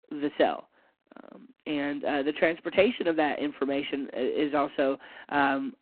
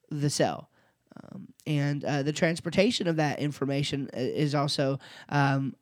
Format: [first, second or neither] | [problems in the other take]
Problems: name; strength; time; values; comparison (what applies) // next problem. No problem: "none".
second | phone-call audio; poor line